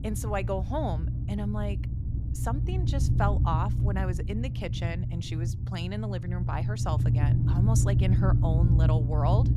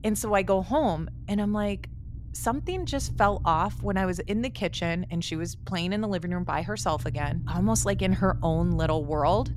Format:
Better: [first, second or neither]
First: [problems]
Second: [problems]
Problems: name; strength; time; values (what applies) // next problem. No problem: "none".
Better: second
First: low rumble; loud; throughout; 5 dB below the speech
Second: low rumble; faint; throughout; 20 dB below the speech